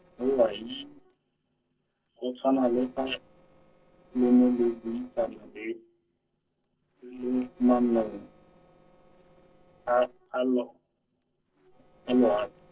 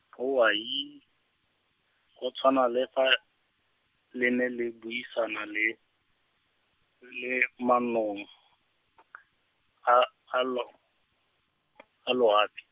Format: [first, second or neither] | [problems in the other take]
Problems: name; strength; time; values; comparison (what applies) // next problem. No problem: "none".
second | noise reduction (neural separator model SepFormer DNS4)